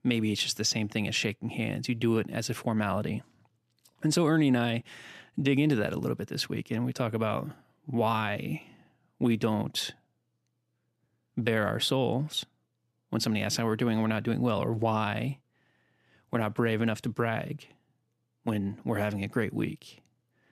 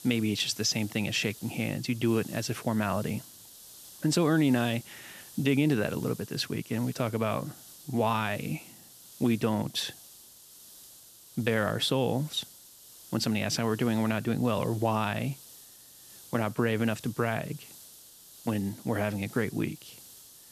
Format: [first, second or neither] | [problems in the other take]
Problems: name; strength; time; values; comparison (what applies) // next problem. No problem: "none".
first | hiss; noticeable; throughout; 20 dB below the speech